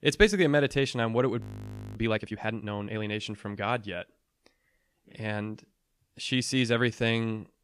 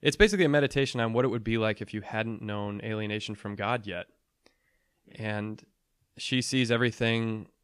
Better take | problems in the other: second | audio freezing; at 1.5 s for 0.5 s

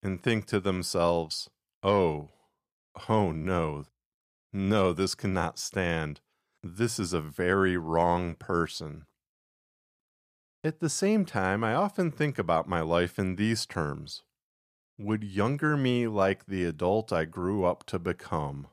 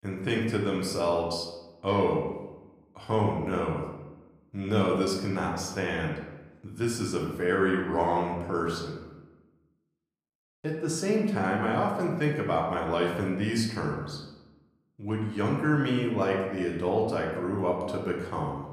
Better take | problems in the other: first | room echo; noticeable; dies away in 0.9 s // off-mic speech; somewhat distant

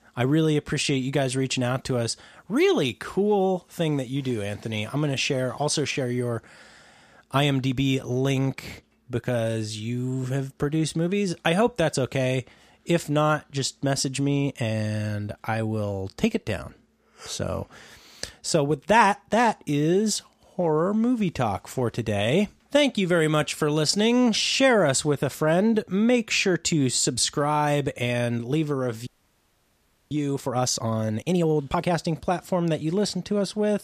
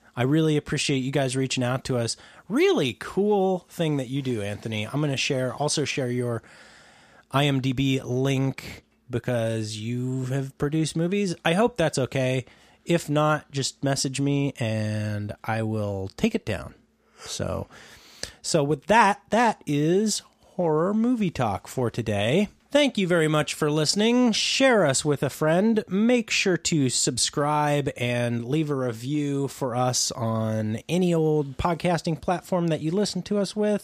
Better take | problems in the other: second | audio freezing; at 29 s for 1 s

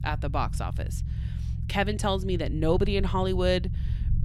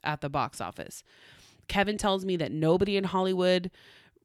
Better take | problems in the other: second | low rumble; noticeable; throughout; 20 dB below the speech

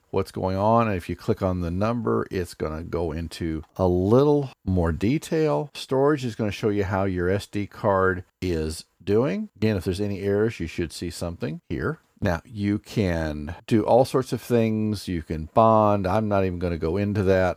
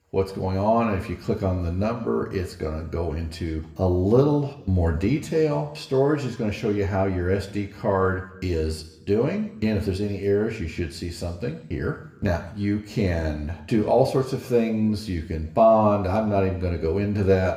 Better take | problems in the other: first | room echo; slight; dies away in 0.7 s

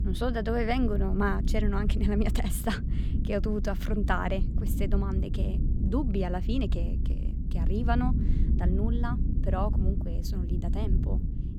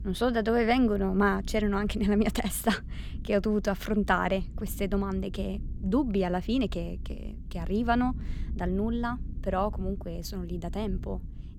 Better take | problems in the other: second | low rumble; loud; throughout; 10 dB below the speech; faint in the second

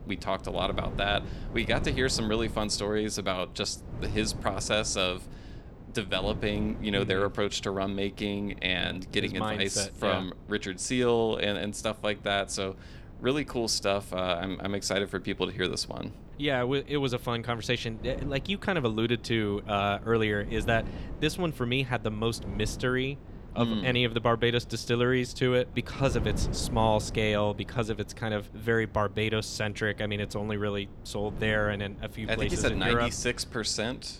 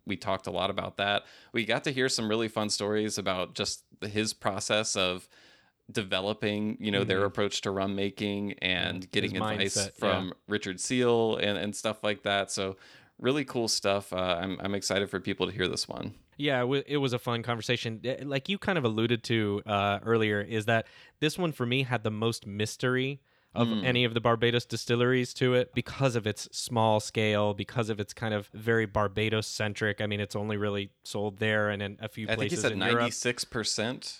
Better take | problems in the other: second | wind noise on the microphone; occasional gusts; 20 dB below the speech

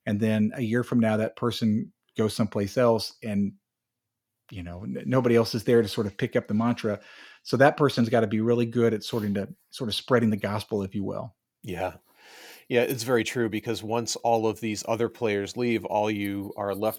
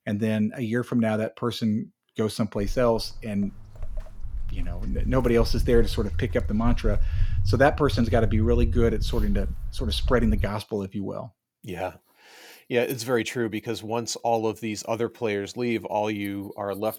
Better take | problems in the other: first | footsteps; loud; from 2.5 to 10 s; peak level with the speech

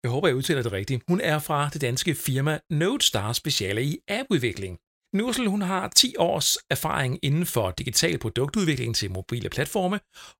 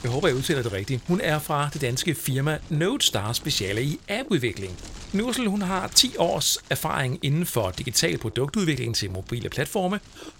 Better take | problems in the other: first | wind noise on the microphone; occasional gusts; 20 dB below the speech

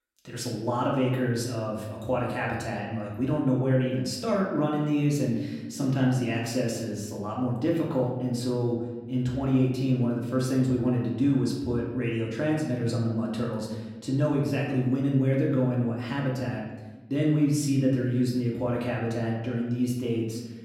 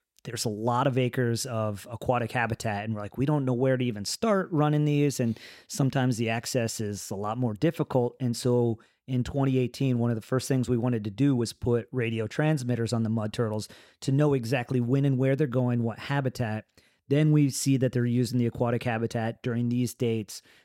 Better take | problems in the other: second | room echo; noticeable; dies away in 1 s // off-mic speech; far

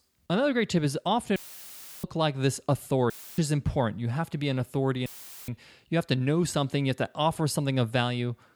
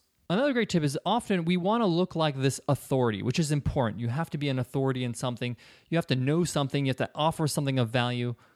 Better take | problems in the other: second | audio cutting out; filled with static; at 1.5 s for 0.5 s, at 3 s and at 5 s

